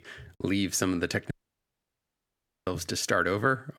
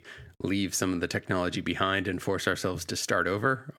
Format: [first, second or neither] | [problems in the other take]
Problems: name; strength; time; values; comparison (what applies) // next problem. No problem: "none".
second | audio cutting out; at 1.5 s for 1.5 s